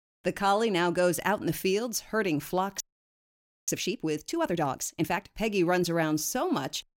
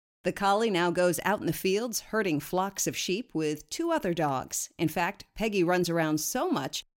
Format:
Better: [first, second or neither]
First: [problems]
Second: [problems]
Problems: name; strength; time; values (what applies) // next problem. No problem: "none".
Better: second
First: audio freezing; at 3 s for 1 s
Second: none